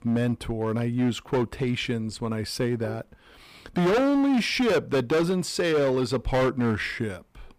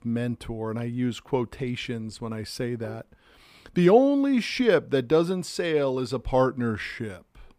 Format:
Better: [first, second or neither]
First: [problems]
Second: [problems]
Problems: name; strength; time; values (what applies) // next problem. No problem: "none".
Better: second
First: distortion; heavy; 13% of the sound clipped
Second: none